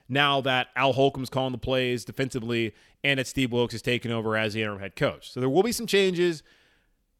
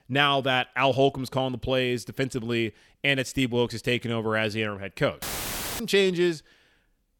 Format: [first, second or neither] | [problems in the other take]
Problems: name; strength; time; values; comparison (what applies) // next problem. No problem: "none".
first | audio cutting out; filled with static; at 5 s for 0.5 s